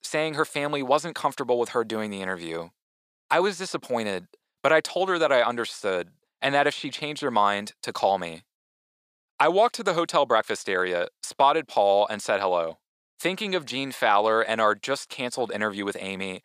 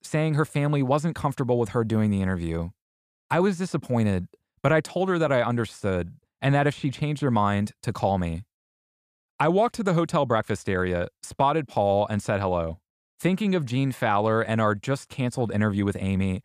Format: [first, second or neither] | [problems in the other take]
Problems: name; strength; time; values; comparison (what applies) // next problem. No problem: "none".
second | thin; somewhat; fading below 450 Hz